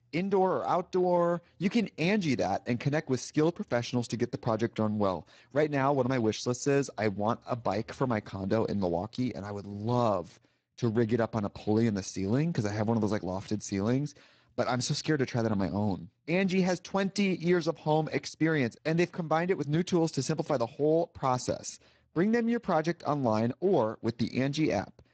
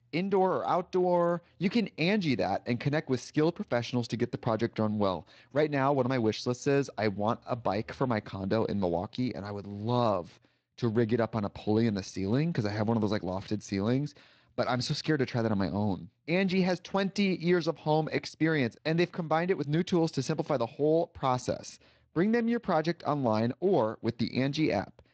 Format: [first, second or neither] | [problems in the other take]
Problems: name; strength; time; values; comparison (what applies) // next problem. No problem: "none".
second | garbled, watery; badly; nothing above 7.5 kHz; slightly in the second